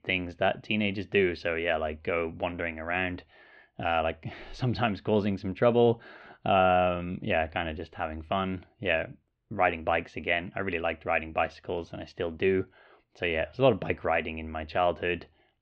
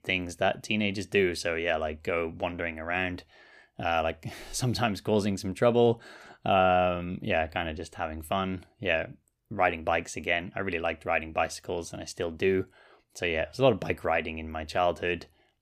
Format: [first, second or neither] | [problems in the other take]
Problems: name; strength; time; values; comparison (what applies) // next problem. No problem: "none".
second | muffled; slightly; fading above 3.5 kHz